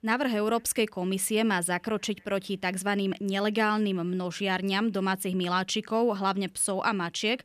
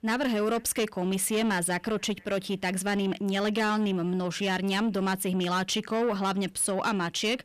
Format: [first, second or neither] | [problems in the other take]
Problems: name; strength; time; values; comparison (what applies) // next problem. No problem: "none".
first | distortion; slight; 10 dB below the speech